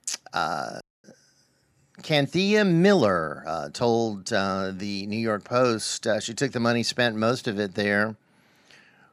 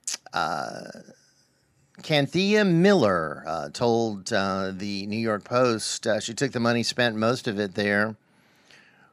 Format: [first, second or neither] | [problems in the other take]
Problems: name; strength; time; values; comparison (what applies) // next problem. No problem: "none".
second | audio cutting out; at 1 s